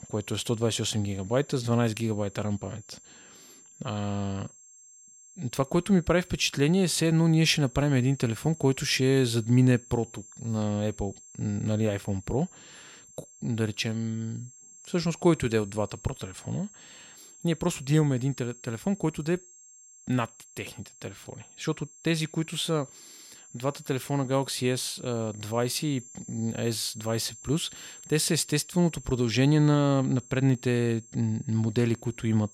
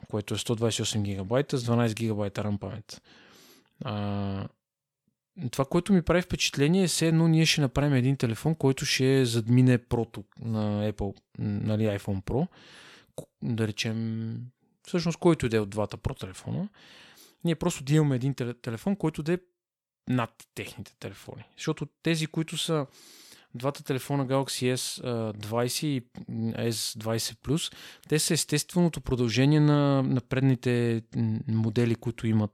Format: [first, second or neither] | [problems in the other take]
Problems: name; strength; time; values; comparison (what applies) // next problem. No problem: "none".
second | high-pitched whine; faint; throughout; 7.5 kHz, 20 dB below the speech